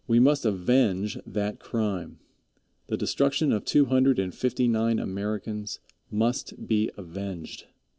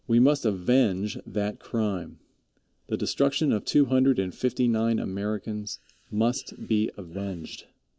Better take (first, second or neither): first